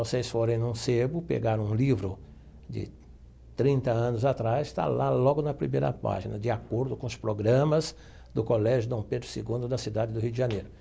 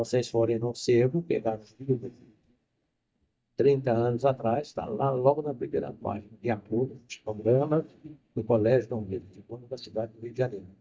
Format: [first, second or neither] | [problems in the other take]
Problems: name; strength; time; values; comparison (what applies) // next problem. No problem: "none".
first | noise reduction (neural mask model DeepFilterNet 3)